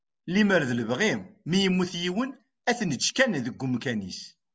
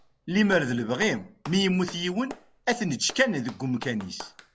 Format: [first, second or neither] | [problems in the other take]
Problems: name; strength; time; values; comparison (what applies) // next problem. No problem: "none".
first | background sound (Clapping); 19 dB below the speech